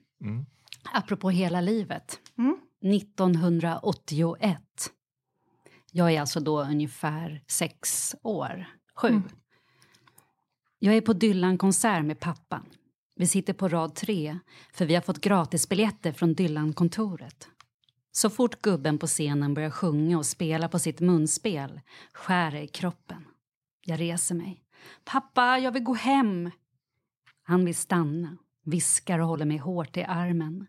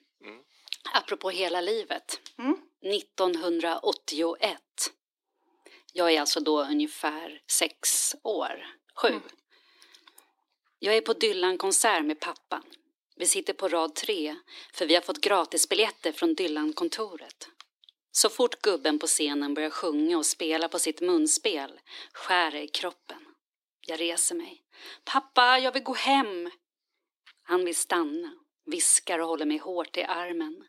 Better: first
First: none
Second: thin; somewhat; fading below 300 Hz

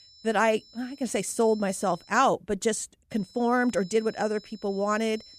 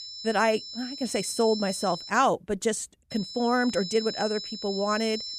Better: first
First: high-pitched whine; faint; until 2 s and from 3 s on; 5 kHz, 25 dB below the speech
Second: high-pitched whine; loud; until 2 s and from 3 s on; 5 kHz, 8 dB below the speech

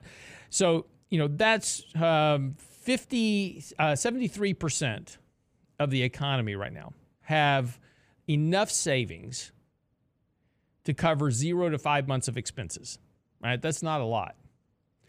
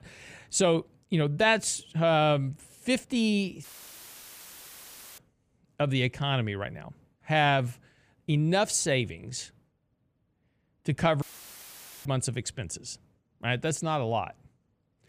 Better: first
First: none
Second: audio cutting out; filled with static; at 3.5 s for 1.5 s and at 11 s for 1 s

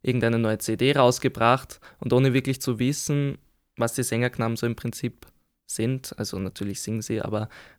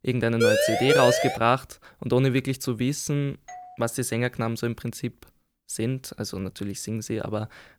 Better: first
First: none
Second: siren; loud; at 0.5 s; peak 5 dB above the speech // doorbell; faint; at 3.5 s; peak 15 dB below the speech

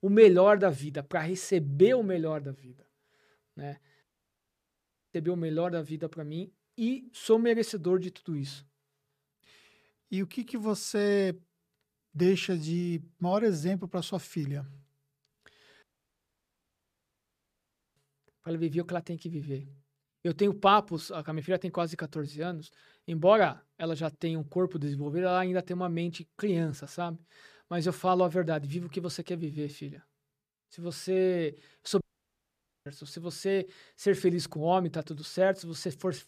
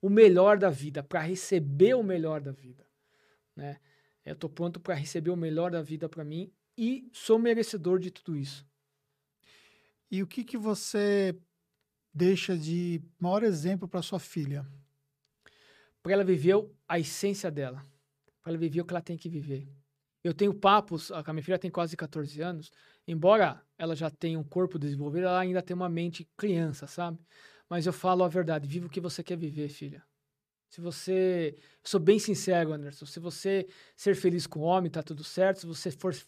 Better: second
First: audio cutting out; at 4 s for 1 s, at 16 s for 2 s and at 32 s for 1 s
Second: none

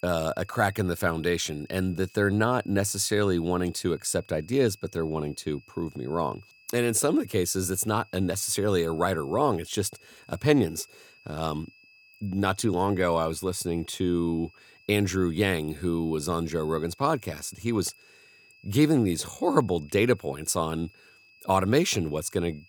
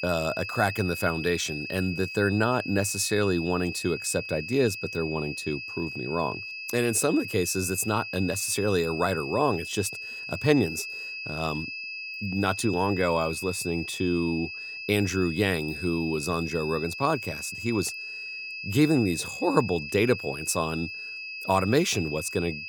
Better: first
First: high-pitched whine; faint; throughout; 2.5 kHz, 30 dB below the speech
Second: high-pitched whine; loud; throughout; 2.5 kHz, 7 dB below the speech

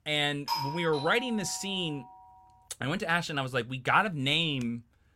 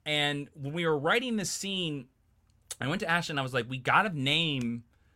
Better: second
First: doorbell; noticeable; until 1.5 s; peak 3 dB below the speech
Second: none

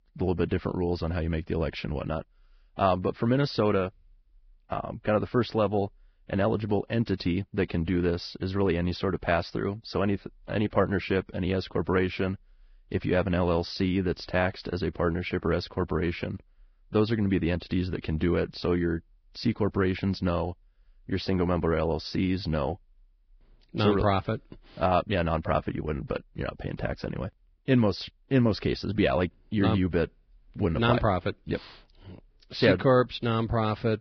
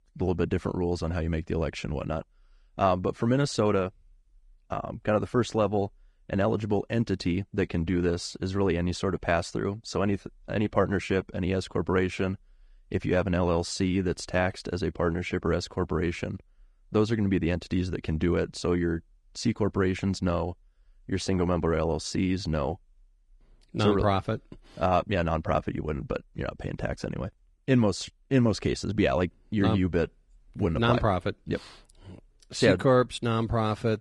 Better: second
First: garbled, watery; badly; nothing above 5.5 kHz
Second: garbled, watery; slightly

